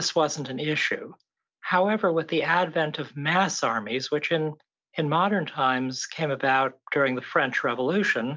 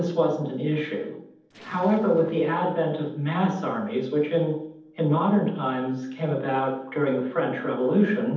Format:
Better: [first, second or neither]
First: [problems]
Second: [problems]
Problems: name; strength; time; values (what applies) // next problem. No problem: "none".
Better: first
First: none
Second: noise reduction (neural separator model SepFormer DNS4)